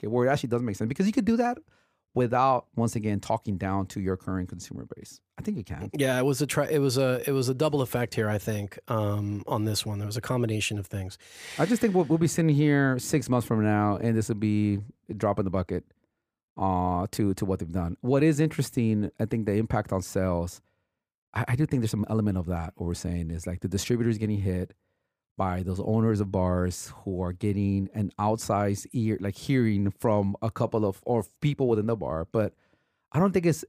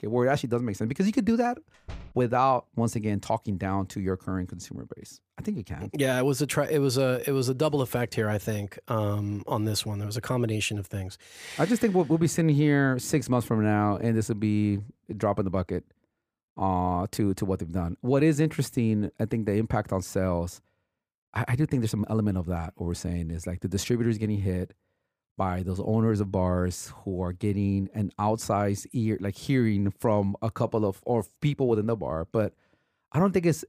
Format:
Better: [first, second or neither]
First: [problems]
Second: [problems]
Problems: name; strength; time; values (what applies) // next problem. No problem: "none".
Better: first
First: none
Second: door banging; faint; at 2 s; peak 15 dB below the speech